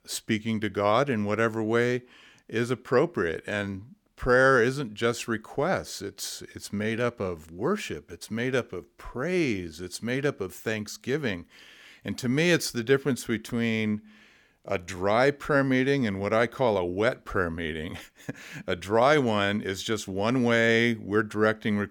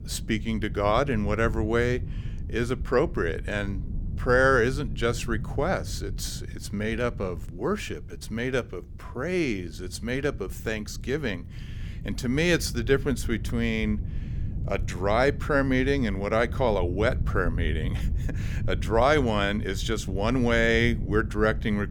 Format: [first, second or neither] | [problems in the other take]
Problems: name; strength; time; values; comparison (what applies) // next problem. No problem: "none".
first | wind noise on the microphone; occasional gusts; 20 dB below the speech